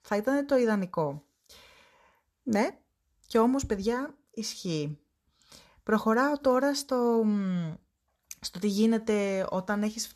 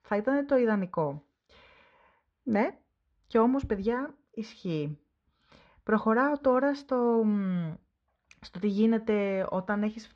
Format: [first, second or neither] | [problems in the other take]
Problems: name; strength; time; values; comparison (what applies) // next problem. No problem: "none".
first | muffled; very; fading above 3 kHz